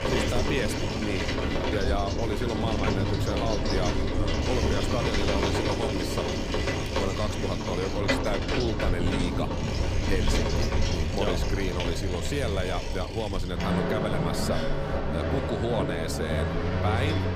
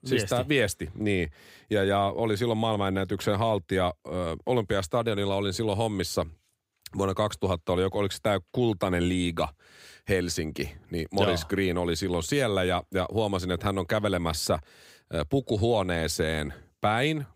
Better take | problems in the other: second | traffic noise; very loud; throughout; 4 dB above the speech

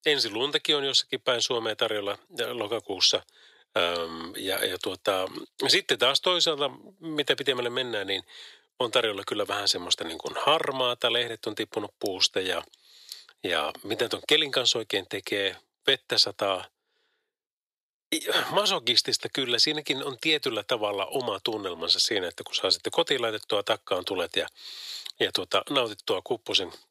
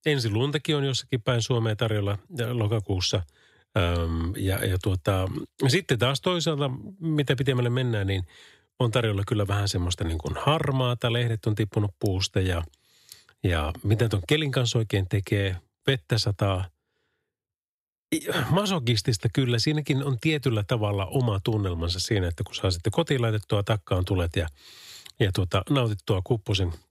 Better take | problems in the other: second | thin; very; fading below 500 Hz

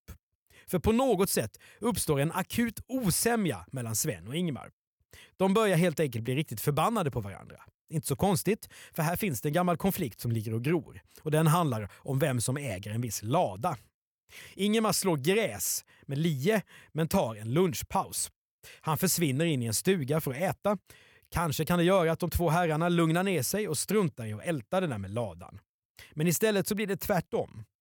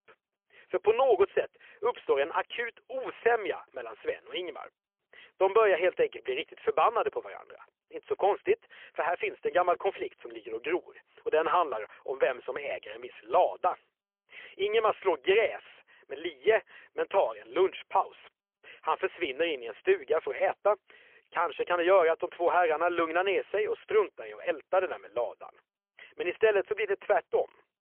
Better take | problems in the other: first | phone-call audio; poor line; nothing above 3.5 kHz

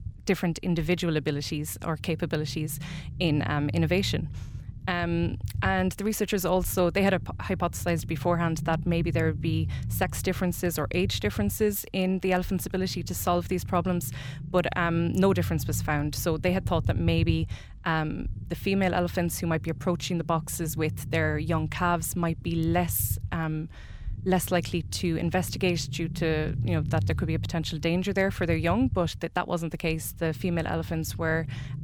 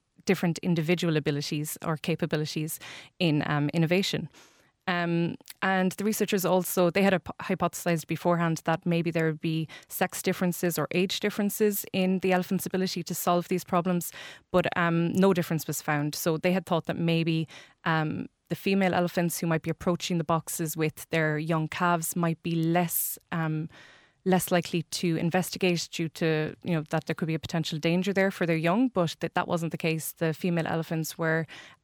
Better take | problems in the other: second | low rumble; noticeable; throughout; 20 dB below the speech

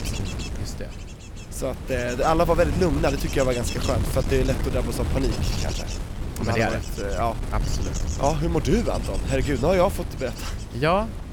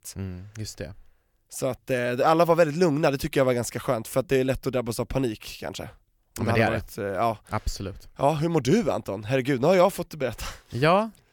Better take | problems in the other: second | wind noise on the microphone; occasional gusts; 10 dB below the speech

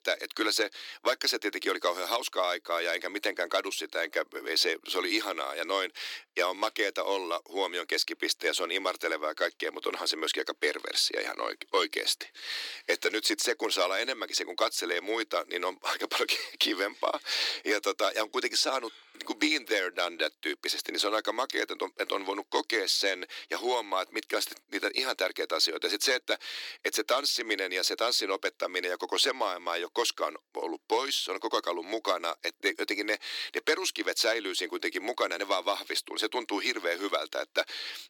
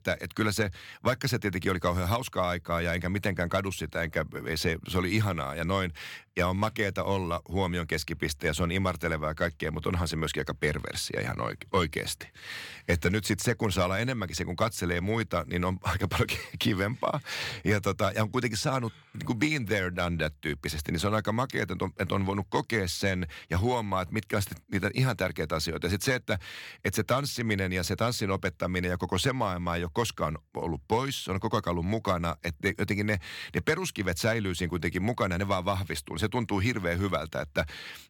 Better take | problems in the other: second | thin; very; fading below 300 Hz

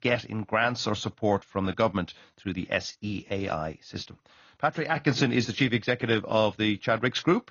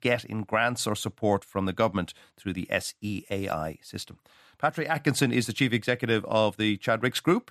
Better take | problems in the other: second | garbled, watery; slightly; nothing above 6.5 kHz

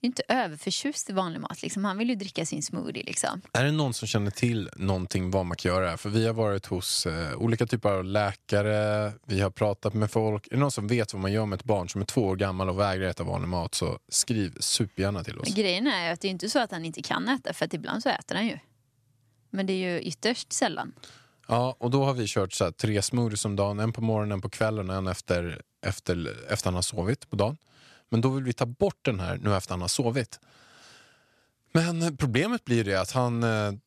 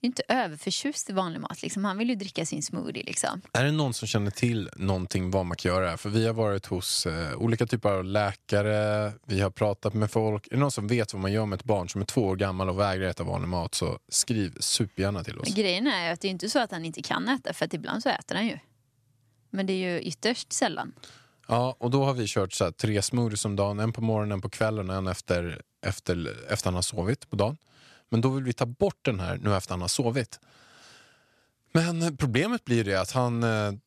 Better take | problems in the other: neither | none

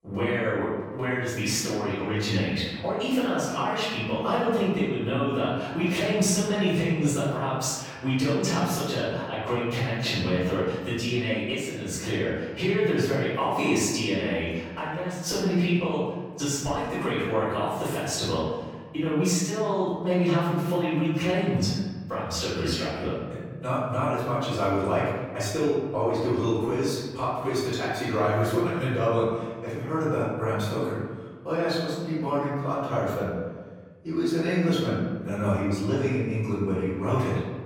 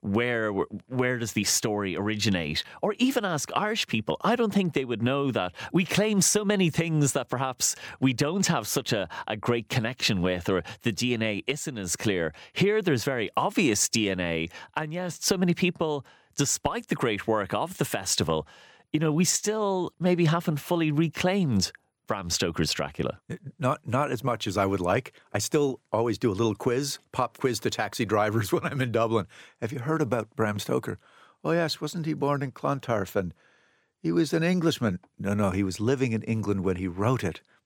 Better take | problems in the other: second | off-mic speech; far // room echo; strong; dies away in 1.3 s

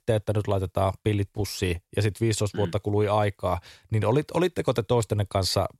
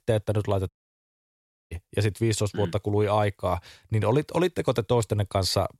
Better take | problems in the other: first | audio cutting out; at 0.5 s for 1 s

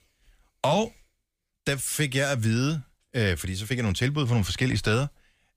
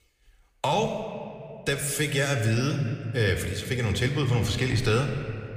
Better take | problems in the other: first | room echo; slight; dies away in 2 s

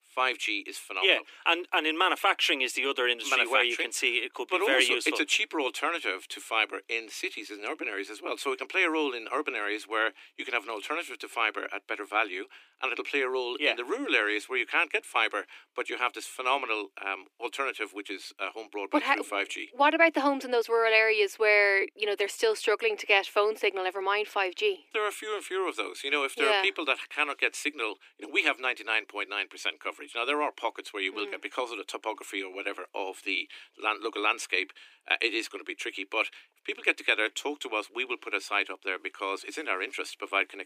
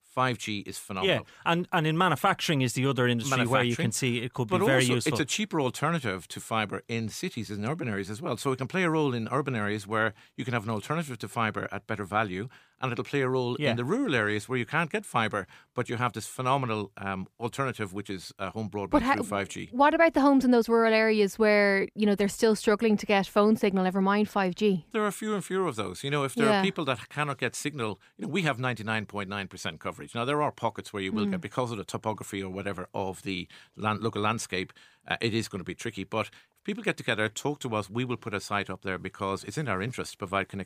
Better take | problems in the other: second | thin; somewhat; fading below 300 Hz

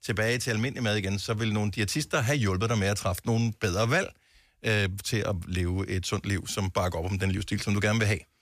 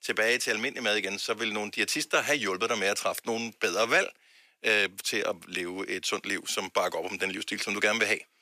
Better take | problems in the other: first | thin; somewhat; fading below 300 Hz

